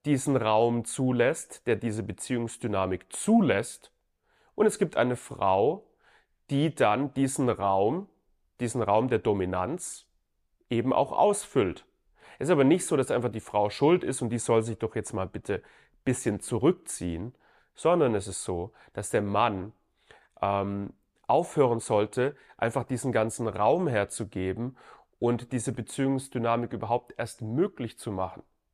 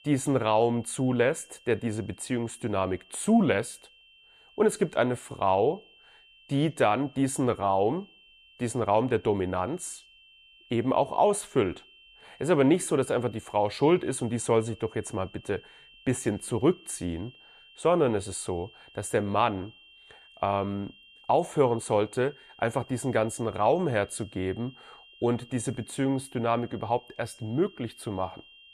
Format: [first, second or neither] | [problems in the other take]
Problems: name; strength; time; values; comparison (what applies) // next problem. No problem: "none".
first | high-pitched whine; faint; throughout; 3 kHz, 25 dB below the speech